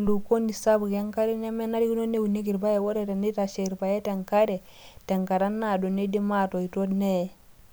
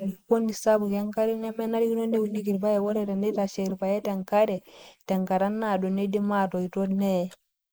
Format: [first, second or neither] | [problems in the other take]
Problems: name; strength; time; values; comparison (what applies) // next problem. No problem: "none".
first | noise reduction (neural mask model Resemble Enhance denoiser)